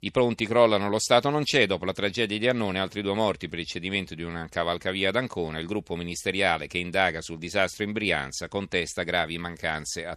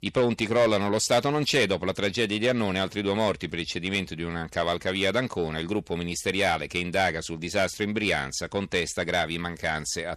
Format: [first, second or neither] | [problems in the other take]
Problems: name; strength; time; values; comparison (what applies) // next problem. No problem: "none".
first | distortion; slight; 10 dB below the speech